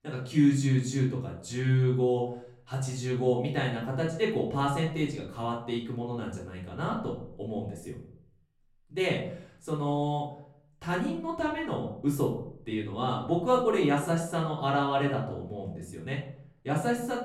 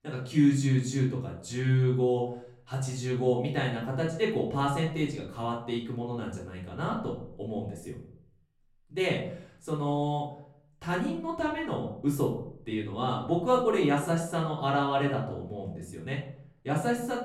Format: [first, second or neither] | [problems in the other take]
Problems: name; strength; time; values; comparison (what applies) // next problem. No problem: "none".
neither | off-mic speech; far; the same in both // room echo; slight; dies away in 0.5 s; the same in both